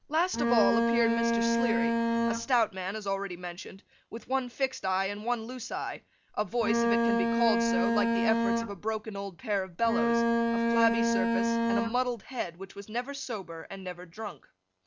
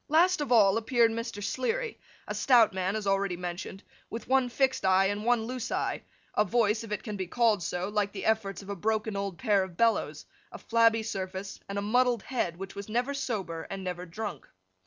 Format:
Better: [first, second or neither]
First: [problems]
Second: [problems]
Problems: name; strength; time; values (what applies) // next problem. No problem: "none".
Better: second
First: background sound (Bowed string instrument); 5 dB above the speech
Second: none